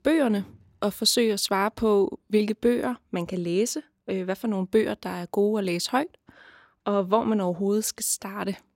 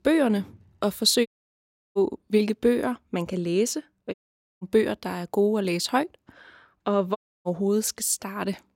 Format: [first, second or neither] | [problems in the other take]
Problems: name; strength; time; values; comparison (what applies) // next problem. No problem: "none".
first | audio cutting out; at 1.5 s for 0.5 s, at 4 s and at 7 s